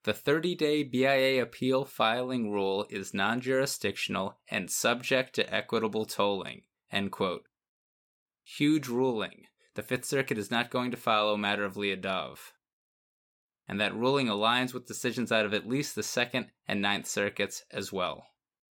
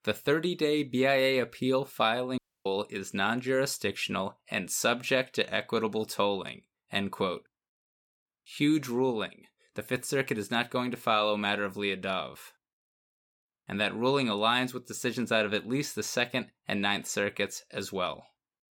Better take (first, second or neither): first